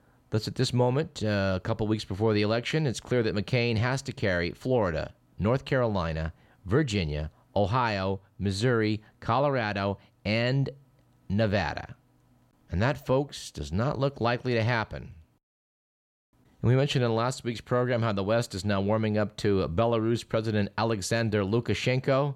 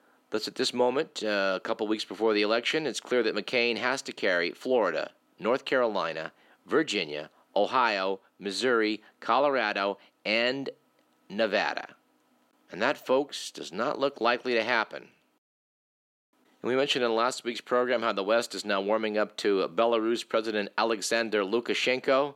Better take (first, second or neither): first